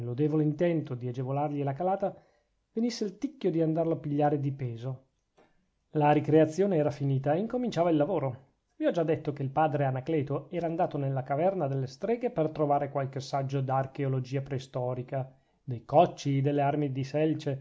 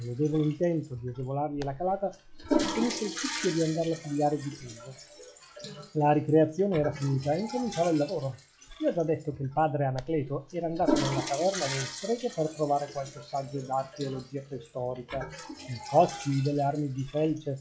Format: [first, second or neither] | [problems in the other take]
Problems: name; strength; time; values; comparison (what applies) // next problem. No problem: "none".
first | noise reduction (classical method log-MMSE)